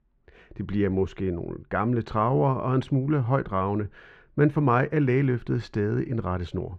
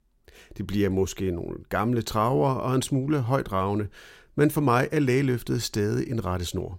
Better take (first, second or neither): second